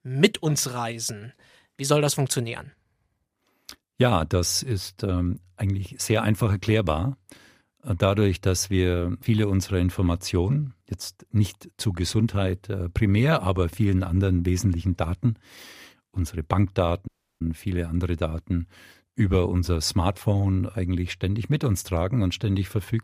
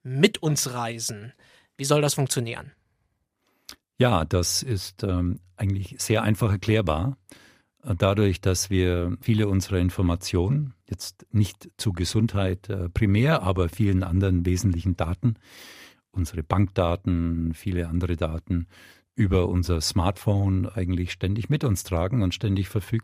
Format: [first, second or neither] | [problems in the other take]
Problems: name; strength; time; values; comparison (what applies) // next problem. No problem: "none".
second | audio cutting out; at 17 s